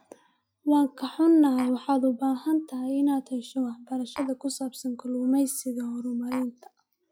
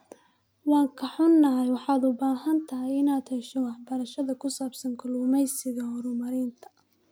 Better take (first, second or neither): second